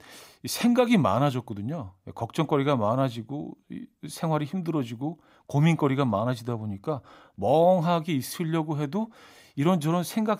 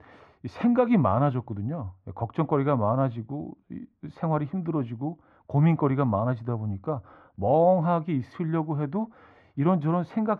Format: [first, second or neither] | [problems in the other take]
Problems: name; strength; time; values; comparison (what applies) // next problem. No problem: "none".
first | muffled; very; fading above 1.5 kHz